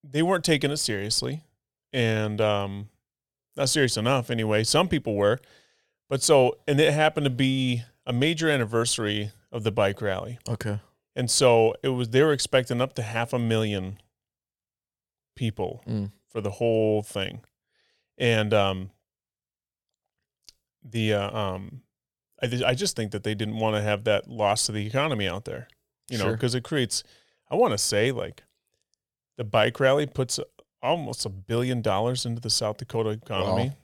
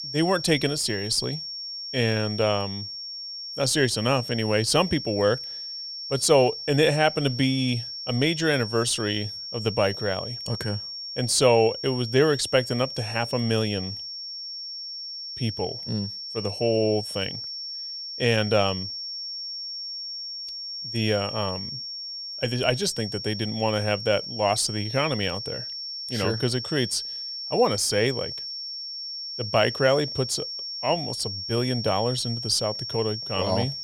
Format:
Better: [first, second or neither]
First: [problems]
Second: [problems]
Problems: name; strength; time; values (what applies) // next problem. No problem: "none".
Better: first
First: none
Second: high-pitched whine; loud; throughout; 5.5 kHz, 7 dB below the speech